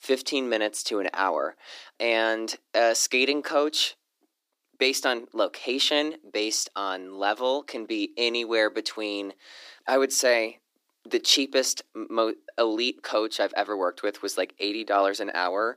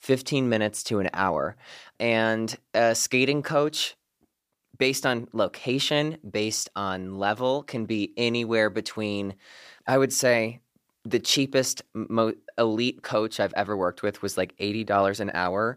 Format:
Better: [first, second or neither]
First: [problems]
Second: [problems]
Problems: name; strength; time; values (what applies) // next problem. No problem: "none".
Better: second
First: thin; very slightly; fading below 300 Hz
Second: none